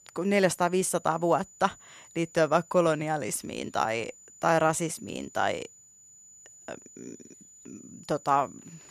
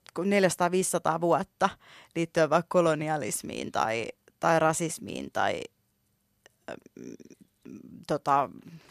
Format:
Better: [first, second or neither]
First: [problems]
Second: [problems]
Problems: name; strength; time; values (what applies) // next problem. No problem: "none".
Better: second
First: high-pitched whine; faint; throughout; 7 kHz, 25 dB below the speech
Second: none